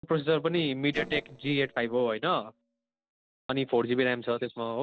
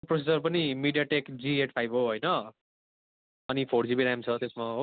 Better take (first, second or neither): second